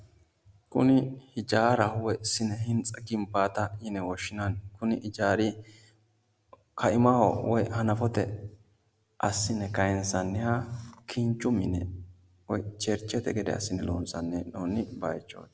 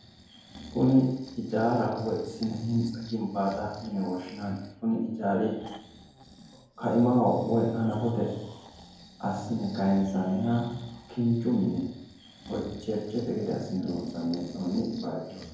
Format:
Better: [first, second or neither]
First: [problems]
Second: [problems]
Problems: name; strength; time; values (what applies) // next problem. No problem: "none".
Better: first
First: none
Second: background sound (Breathing); 19 dB below the speech // room echo; dies away in 0.9 s